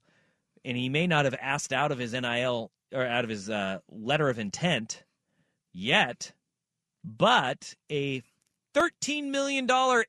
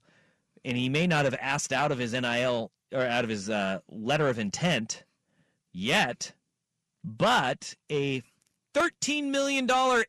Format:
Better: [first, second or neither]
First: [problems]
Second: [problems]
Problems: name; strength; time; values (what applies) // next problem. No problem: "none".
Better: first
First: none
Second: distortion; slight; 10 dB below the speech